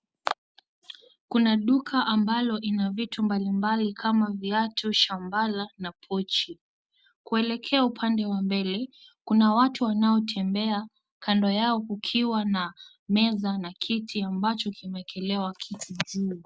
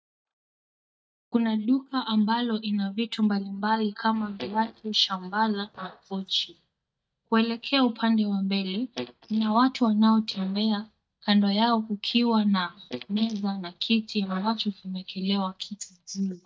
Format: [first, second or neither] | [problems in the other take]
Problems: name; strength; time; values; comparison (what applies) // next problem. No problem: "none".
first | noise reduction (neural mask model DeepFilterNet 3)